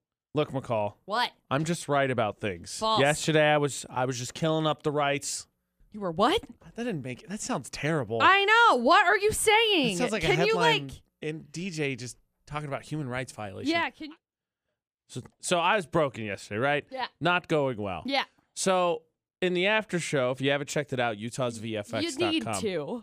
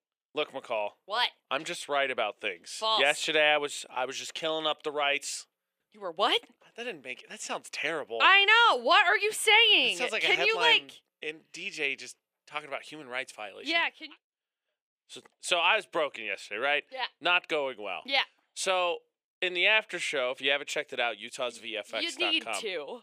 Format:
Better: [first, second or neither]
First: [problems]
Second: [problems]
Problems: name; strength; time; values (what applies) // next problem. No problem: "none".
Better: first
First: none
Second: thin; somewhat; fading below 500 Hz